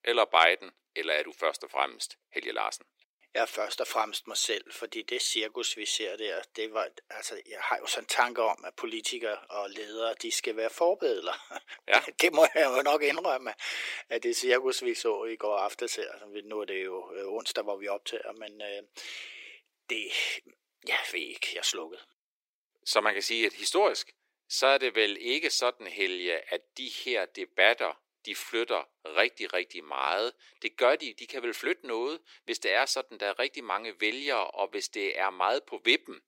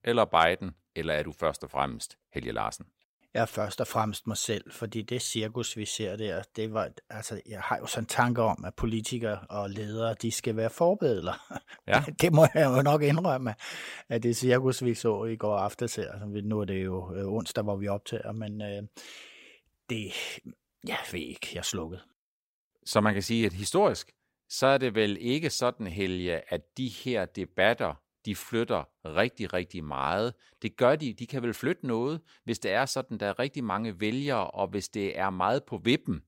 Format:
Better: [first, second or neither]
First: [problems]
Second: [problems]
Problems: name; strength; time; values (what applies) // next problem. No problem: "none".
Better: second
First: thin; very; fading below 350 Hz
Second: none